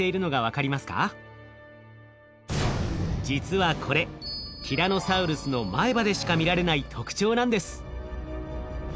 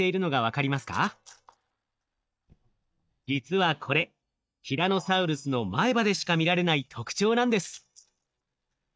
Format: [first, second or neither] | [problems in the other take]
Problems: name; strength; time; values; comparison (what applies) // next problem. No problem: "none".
first | noise reduction (neural mask model DeepFilterNet 3)